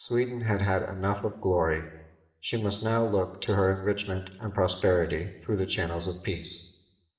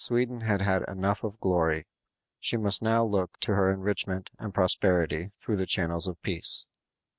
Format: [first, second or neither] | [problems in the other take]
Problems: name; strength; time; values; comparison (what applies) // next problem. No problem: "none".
second | room echo; dies away in 0.8 s